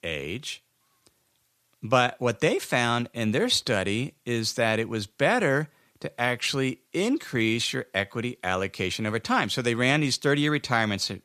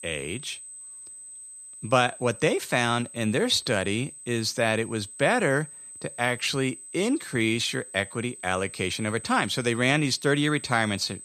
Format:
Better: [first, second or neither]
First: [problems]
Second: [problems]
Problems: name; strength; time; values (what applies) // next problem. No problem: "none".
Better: first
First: none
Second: high-pitched whine; noticeable; throughout; 8 kHz, 15 dB below the speech